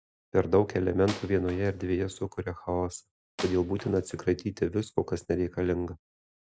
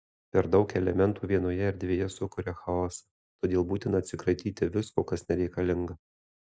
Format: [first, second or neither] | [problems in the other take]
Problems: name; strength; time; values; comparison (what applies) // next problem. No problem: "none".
second | background sound (Wood); 16 dB below the speech